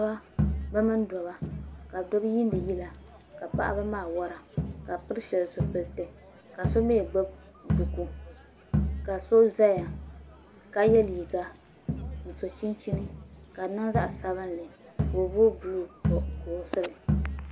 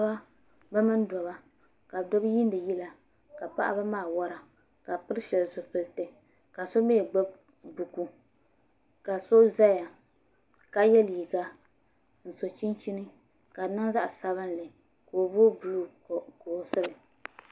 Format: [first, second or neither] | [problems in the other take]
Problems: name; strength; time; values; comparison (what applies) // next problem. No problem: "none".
second | background sound (Crowd); 5 dB below the speech